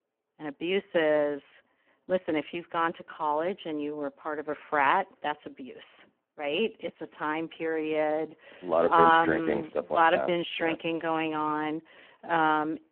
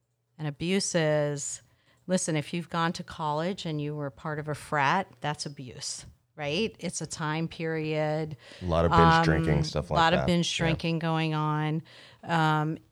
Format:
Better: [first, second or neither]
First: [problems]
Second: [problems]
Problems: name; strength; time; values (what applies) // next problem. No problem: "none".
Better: second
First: phone-call audio; poor line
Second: none